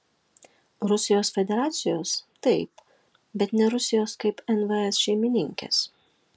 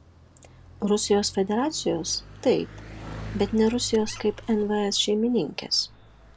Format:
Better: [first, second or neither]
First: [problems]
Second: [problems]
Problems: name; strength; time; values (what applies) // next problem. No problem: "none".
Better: first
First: none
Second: background sound (Bicycle + Squeak); 16 dB below the speech